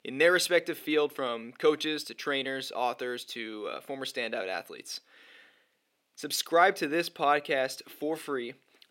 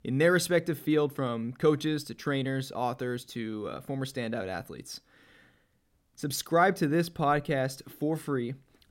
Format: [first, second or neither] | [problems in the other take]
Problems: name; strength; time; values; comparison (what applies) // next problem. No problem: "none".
second | thin; somewhat; fading below 450 Hz